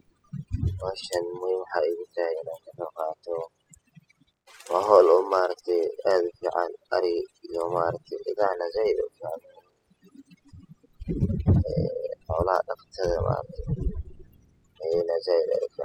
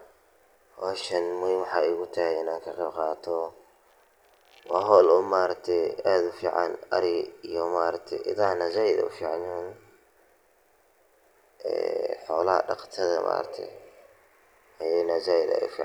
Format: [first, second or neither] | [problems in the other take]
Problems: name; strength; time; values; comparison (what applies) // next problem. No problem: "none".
second | noise reduction (classical method spectral subtraction)